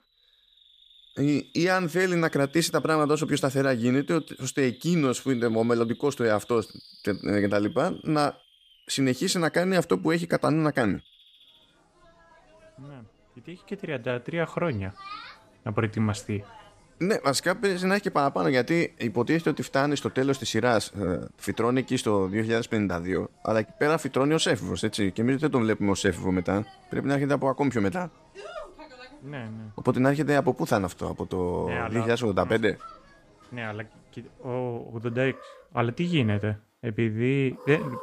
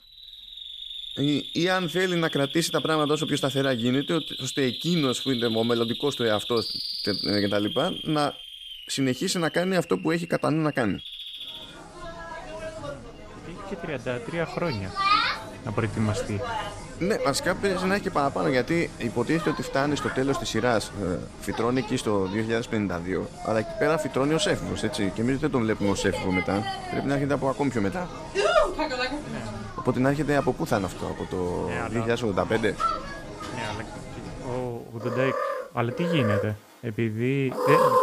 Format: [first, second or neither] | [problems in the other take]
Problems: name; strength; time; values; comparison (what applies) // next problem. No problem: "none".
first | animal sounds; loud; throughout; 5 dB below the speech; faint in the first